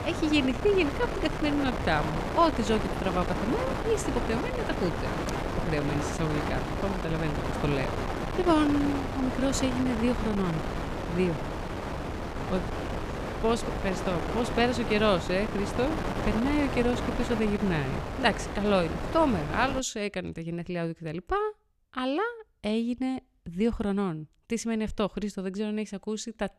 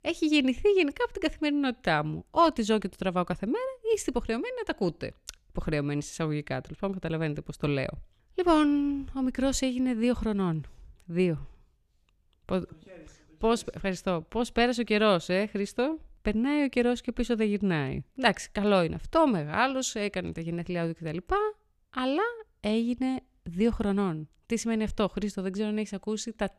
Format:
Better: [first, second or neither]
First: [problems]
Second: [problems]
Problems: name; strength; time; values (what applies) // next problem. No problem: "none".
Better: second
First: wind noise on the microphone; heavy; until 20 s; 3 dB below the speech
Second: none